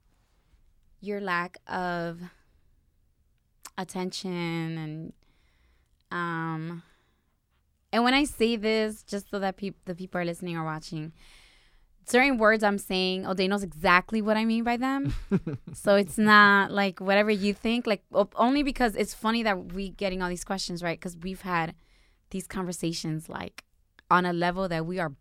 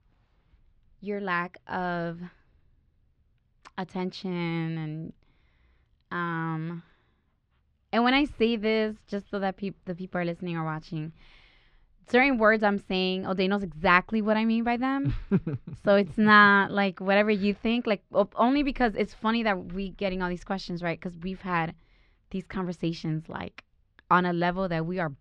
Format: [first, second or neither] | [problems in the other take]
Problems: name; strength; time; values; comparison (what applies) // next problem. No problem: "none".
first | muffled; very slightly; fading above 4 kHz